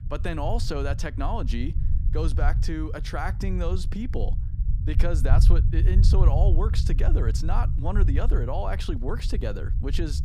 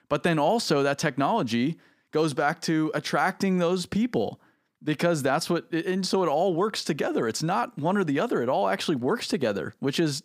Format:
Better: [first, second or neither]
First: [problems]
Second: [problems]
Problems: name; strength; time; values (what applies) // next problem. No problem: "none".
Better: second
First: low rumble; loud; throughout; 10 dB below the speech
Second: none